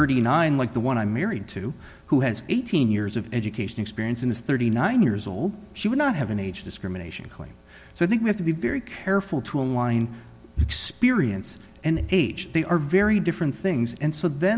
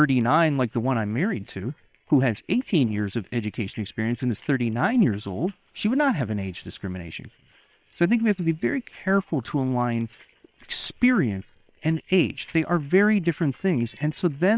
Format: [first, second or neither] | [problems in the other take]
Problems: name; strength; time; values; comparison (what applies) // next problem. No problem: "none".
first | noise reduction (neural separator model SepFormer WHAM!)